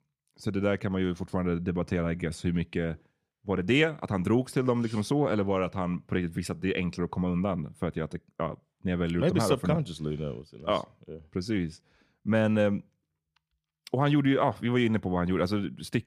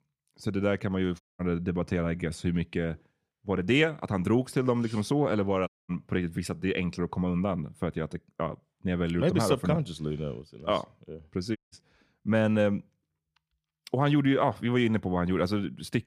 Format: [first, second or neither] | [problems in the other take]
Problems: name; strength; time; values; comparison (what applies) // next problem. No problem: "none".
first | audio cutting out; at 1 s, at 5.5 s and at 12 s